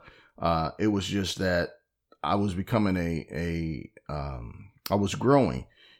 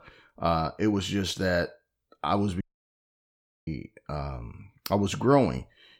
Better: first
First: none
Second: audio cutting out; at 2.5 s for 1 s

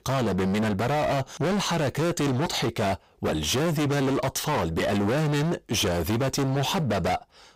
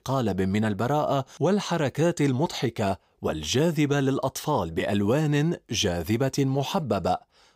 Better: second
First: distortion; heavy; 40% of the sound clipped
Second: none

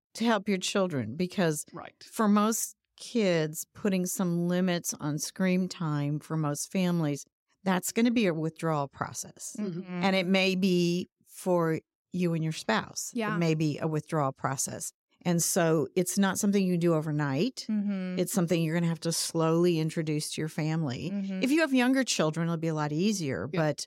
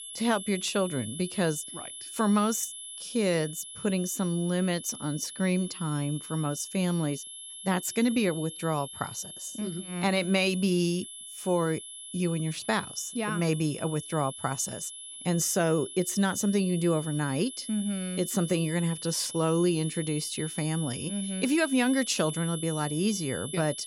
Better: first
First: none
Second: high-pitched whine; noticeable; throughout; 11 kHz, 10 dB below the speech

